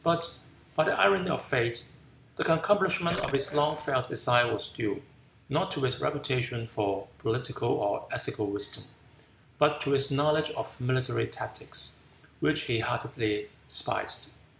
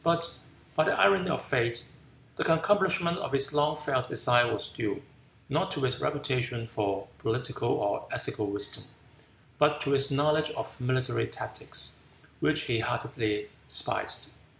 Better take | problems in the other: second | background sound (Burping, eructation); 10 dB below the speech

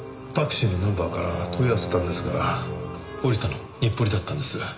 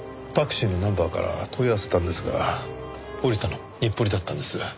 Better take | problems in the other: second | background sound (Brass instrument); 9 dB below the speech // room echo; dies away in 1.1 s

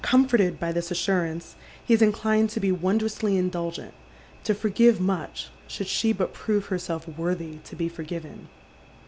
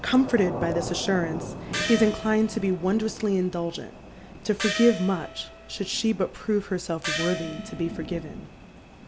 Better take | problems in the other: first | background sound (Thunder / Rain + Gong); 9 dB below the speech

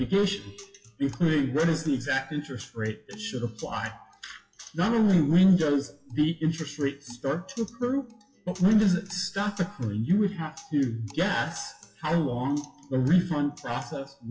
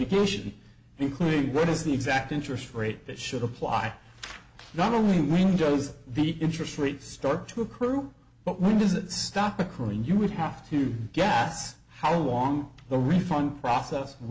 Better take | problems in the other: second | noise reduction (classical method WPE with log-MMSE)

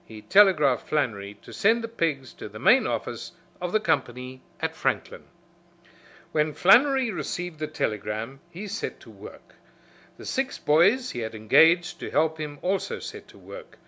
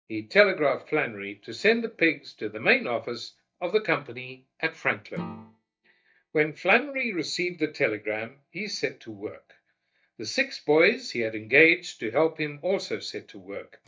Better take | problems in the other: first | noise reduction (neural mask model DeepFilterNet 3)

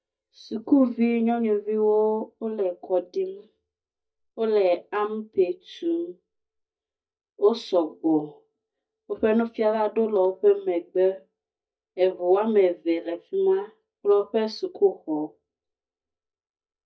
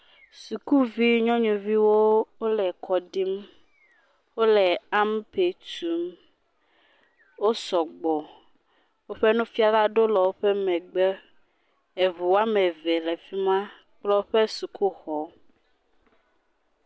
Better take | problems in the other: second | noise reduction (neural mask model DeepFilterNet 3)

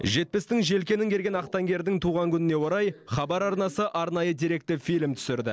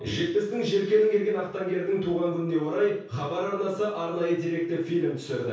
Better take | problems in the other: first | room echo; dies away in 0.6 s

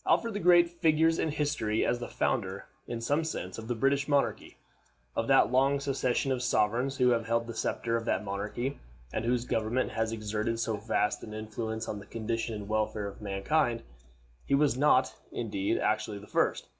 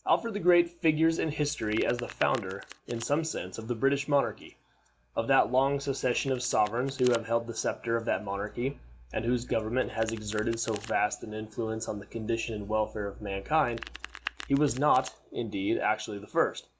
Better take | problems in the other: first | background sound (Domestic sounds, home sounds); 20 dB below the speech

